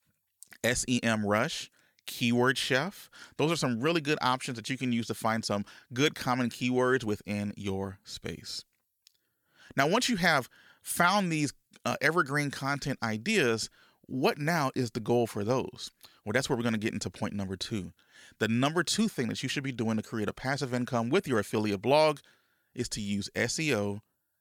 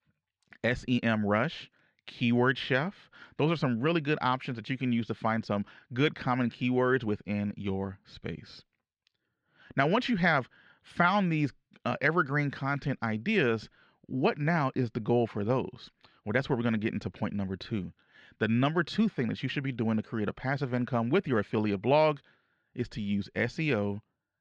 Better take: first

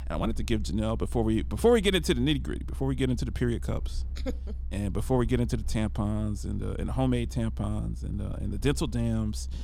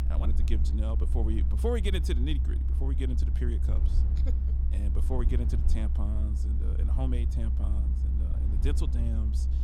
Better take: first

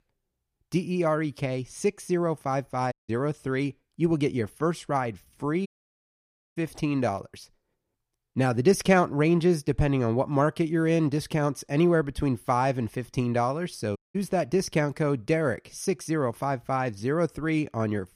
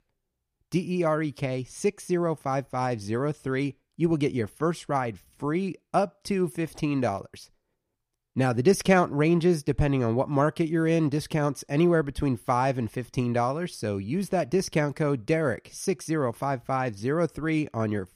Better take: second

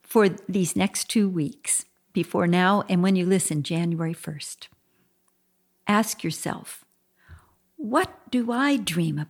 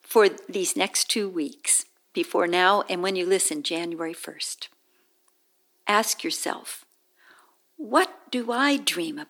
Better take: first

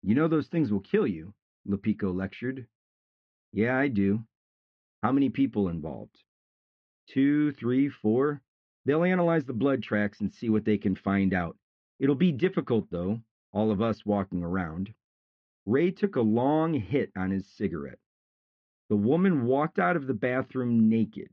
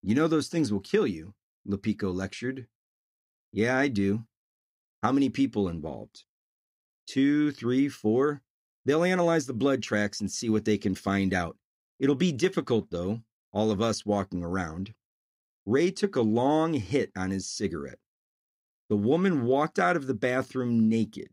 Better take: second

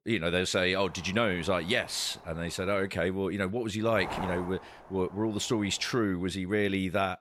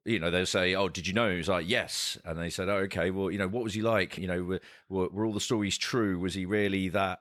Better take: second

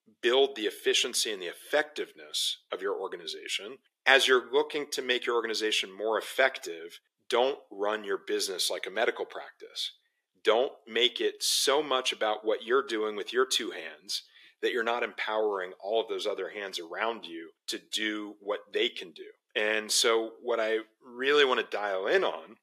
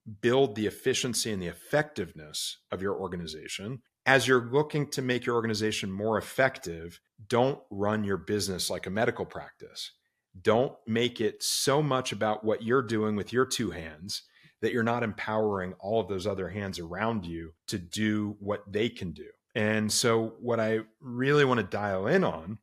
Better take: second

